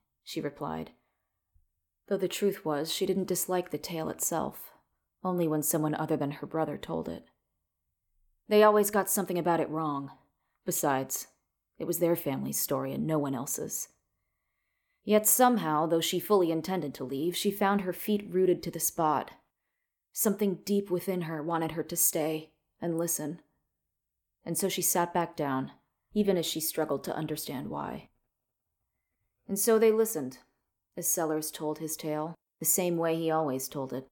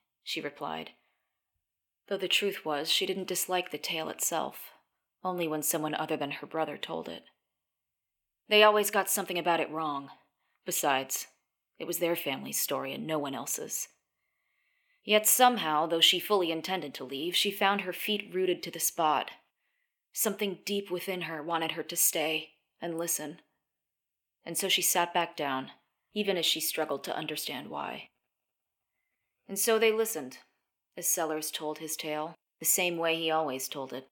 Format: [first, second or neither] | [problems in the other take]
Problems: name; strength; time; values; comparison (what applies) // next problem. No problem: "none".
first | thin; very slightly; fading below 400 Hz